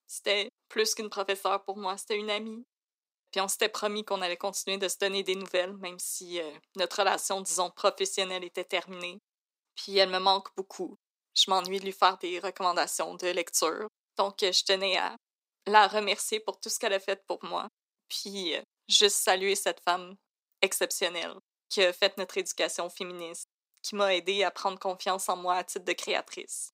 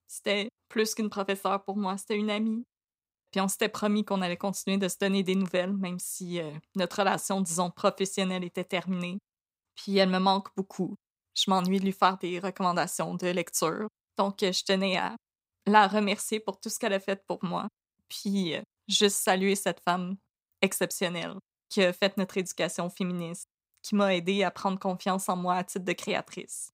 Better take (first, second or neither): second